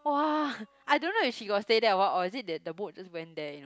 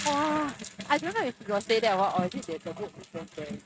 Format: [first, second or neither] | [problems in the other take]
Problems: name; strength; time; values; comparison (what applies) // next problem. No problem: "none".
first | noise reduction (neural mask model RNNoise)